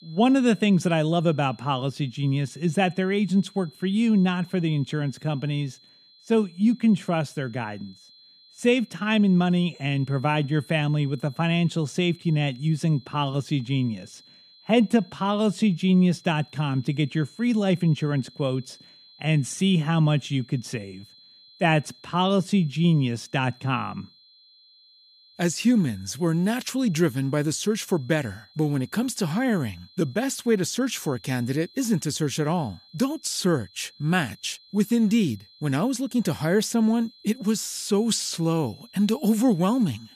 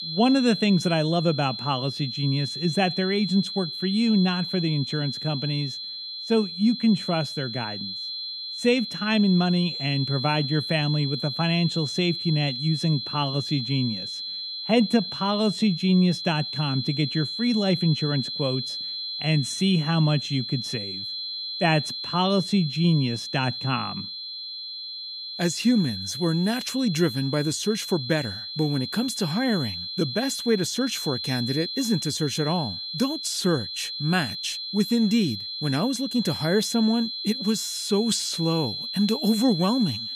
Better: first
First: high-pitched whine; faint; throughout; 4 kHz, 25 dB below the speech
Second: high-pitched whine; loud; throughout; 4 kHz, 6 dB below the speech

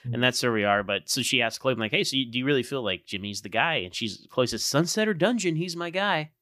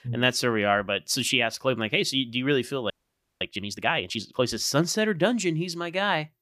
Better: first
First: none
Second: audio freezing; at 3 s for 0.5 s

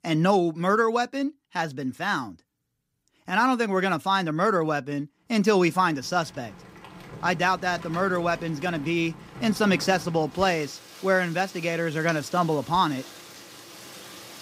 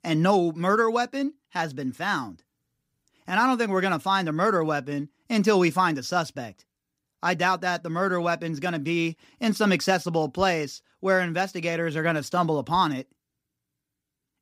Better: second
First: rain or running water; noticeable; from 6 s on; 20 dB below the speech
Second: none

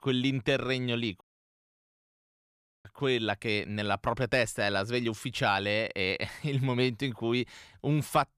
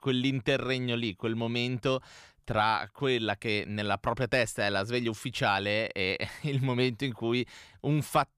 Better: second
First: audio cutting out; at 1 s for 1.5 s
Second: none

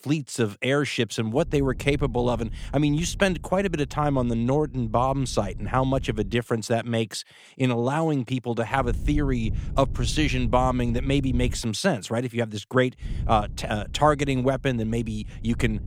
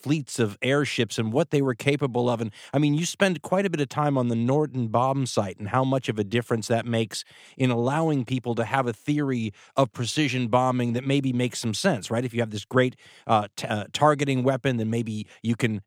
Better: second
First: low rumble; faint; from 1.5 to 6.5 s, from 9 to 12 s and from 13 s on; 25 dB below the speech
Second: none

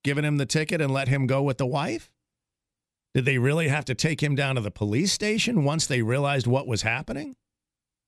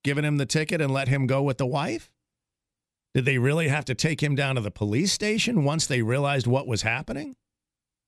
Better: neither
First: none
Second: none

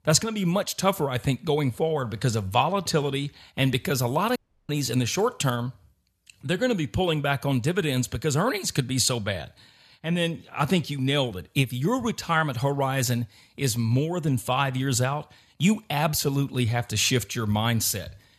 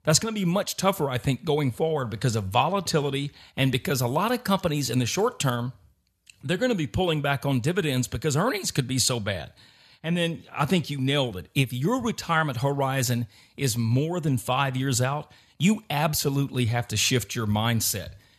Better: second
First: audio cutting out; at 4.5 s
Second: none

